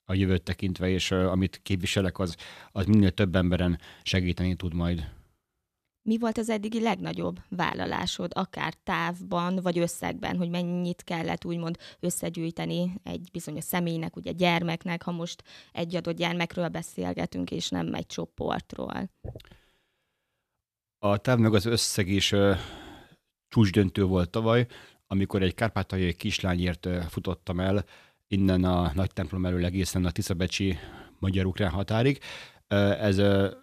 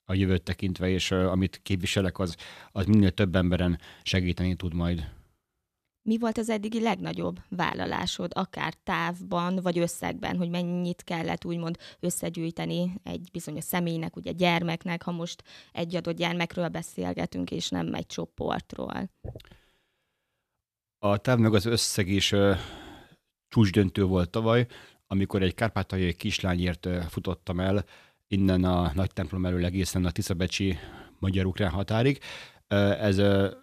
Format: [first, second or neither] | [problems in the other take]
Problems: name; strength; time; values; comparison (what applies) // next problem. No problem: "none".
neither | none